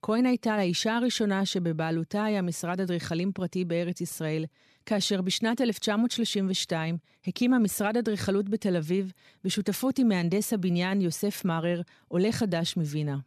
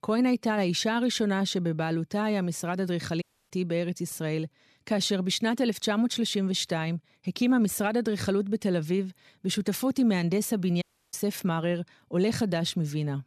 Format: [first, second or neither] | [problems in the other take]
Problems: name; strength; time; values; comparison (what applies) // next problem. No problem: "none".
first | audio cutting out; at 3 s and at 11 s